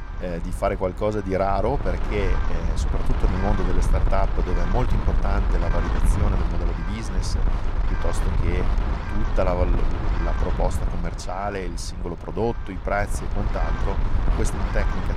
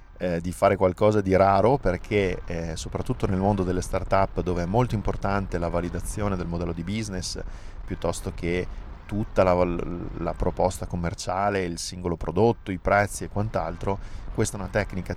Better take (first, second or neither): second